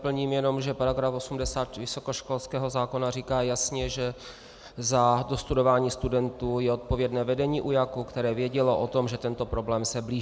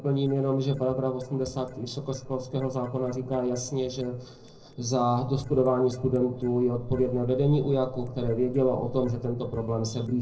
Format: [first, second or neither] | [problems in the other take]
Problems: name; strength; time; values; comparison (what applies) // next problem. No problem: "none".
first | noise reduction (neural separator model SepFormer DNS4)